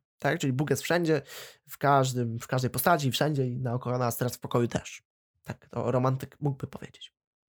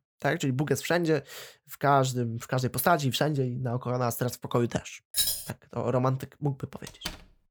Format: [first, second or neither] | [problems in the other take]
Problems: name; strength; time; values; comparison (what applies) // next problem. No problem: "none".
first | jangling keys; loud; at 5 s; peak 2 dB above the speech // door banging; faint; at 7 s; peak 10 dB below the speech